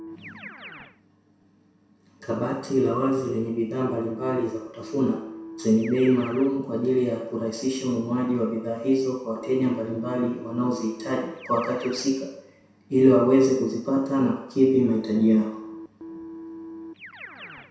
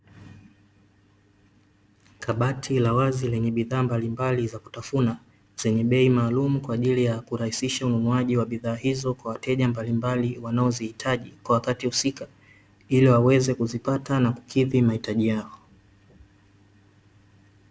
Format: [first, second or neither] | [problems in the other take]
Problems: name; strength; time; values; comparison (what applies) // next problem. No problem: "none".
second | background sound (Keyboard (musical)); 18 dB below the speech // room echo; dies away in 0.7 s